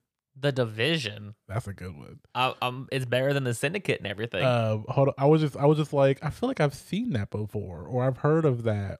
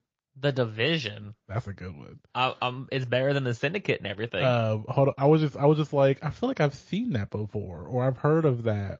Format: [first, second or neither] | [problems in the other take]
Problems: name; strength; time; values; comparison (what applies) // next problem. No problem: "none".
first | garbled, watery; slightly; nothing above 7 kHz